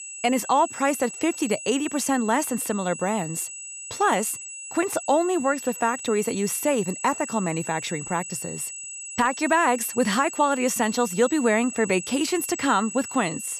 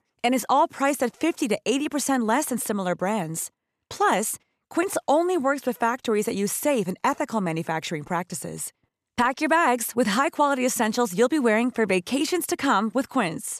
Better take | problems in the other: second | high-pitched whine; loud; throughout; 8 kHz, 10 dB below the speech

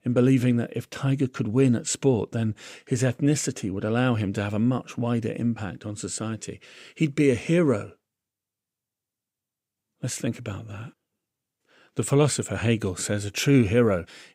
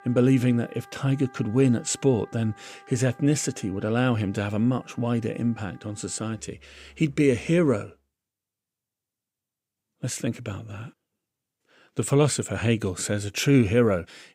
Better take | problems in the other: first | background music; very faint; until 8 s; 25 dB below the speech

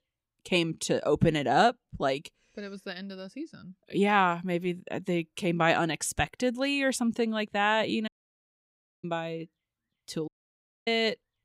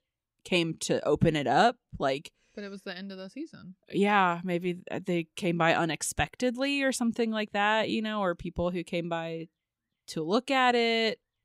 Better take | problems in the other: second | audio cutting out; at 8 s for 1 s and at 10 s for 0.5 s

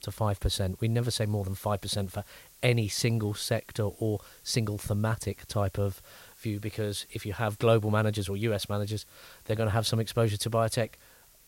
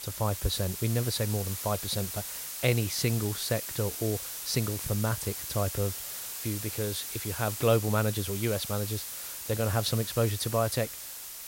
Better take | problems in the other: first | hiss; loud; throughout; 5 dB below the speech; faint in the first

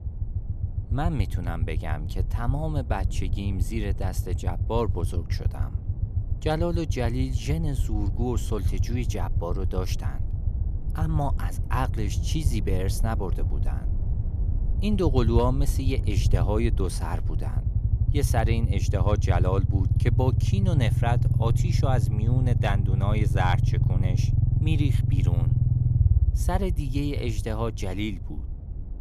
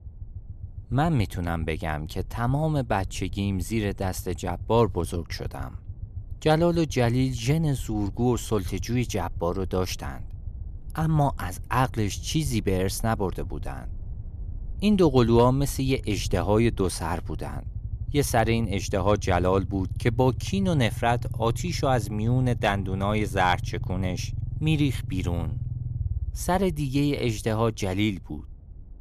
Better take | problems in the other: second | low rumble; loud; throughout; 8 dB below the speech; faint in the second

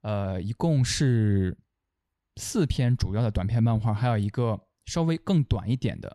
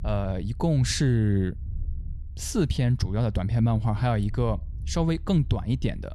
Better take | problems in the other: first | low rumble; faint; throughout; 25 dB below the speech

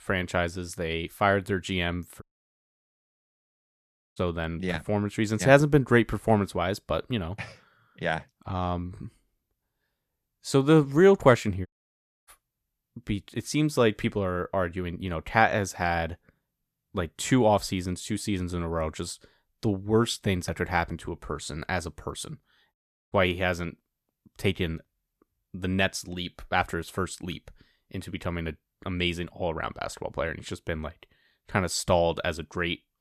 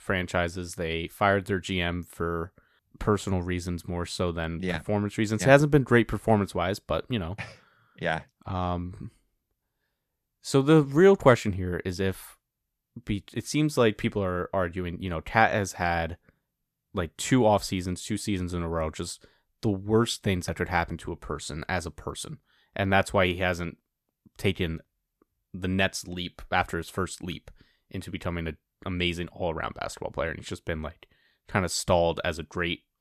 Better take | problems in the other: second | audio cutting out; at 2 s for 2 s, at 12 s for 0.5 s and at 23 s

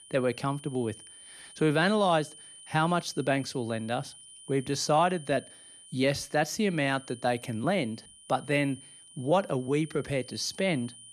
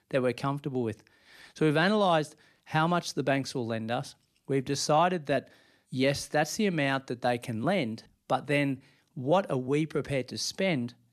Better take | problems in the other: second | high-pitched whine; noticeable; throughout; 9.5 kHz, 20 dB below the speech

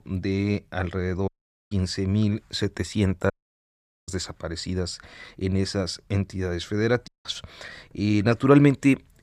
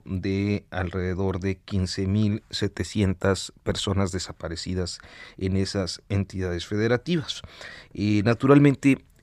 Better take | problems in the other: second | audio cutting out; at 1.5 s, at 3.5 s for 1 s and at 7 s

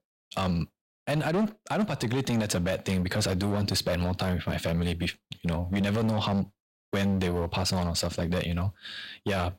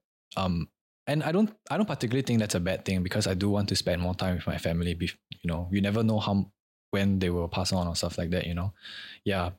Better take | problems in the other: second | distortion; slight; 12% of the sound clipped

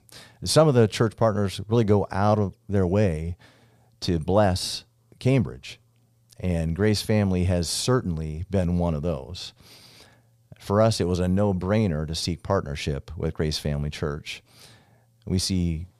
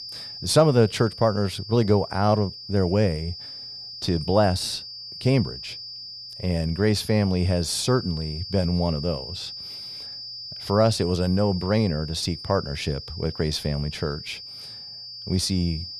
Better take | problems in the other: first | high-pitched whine; noticeable; throughout; 5 kHz, 10 dB below the speech

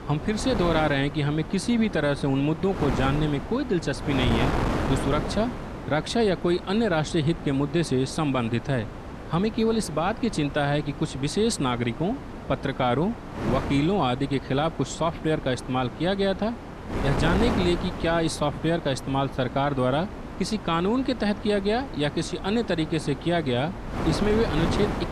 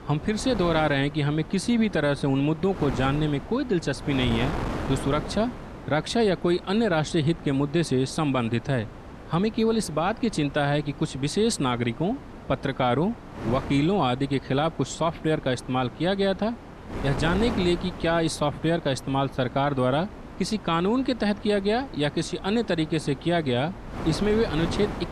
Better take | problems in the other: second | wind noise on the microphone; heavy; 8 dB below the speech; occasional gusts in the second

